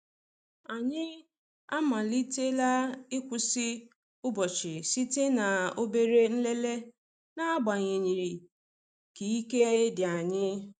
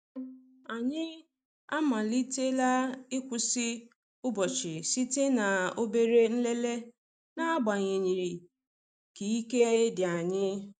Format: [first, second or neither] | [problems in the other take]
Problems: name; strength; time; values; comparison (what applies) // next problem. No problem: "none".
first | background sound (Bowed string instrument); 18 dB below the speech